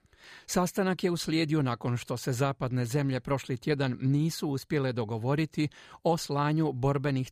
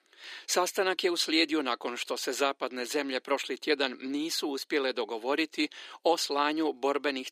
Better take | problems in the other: first | thin; somewhat; fading below 300 Hz

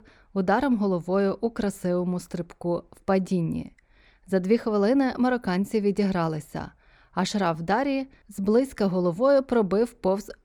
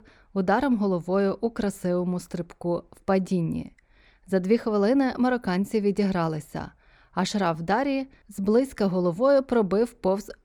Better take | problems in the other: neither | none

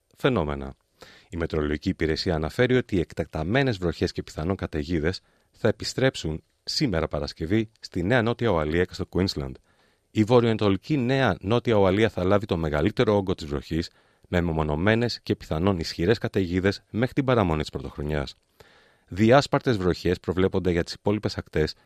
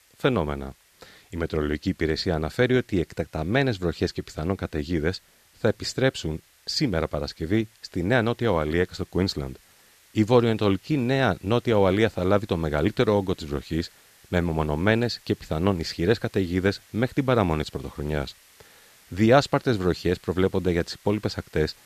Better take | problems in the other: first | hiss; faint; throughout; 30 dB below the speech

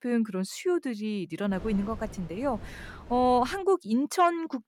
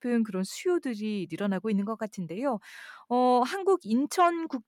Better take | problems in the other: second | wind noise on the microphone; occasional gusts; from 1.5 to 3.5 s; 20 dB below the speech

